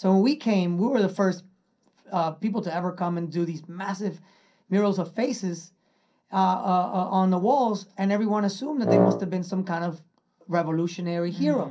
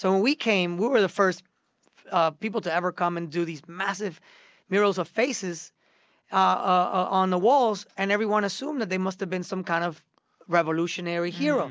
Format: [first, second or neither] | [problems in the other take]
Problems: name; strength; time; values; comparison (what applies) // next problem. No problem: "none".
second | background sound (Wind instrument, woodwind instrument); 2 dB above the speech // room echo; dies away in 0.3 s